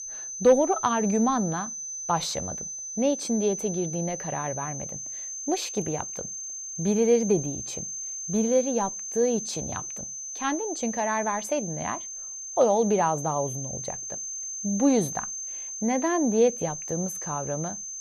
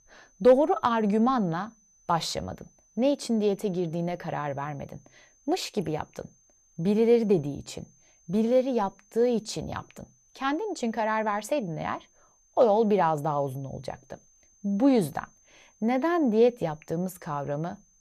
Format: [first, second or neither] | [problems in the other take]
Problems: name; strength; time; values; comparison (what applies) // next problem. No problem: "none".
second | high-pitched whine; loud; throughout; 6.5 kHz, 6 dB below the speech; faint in the second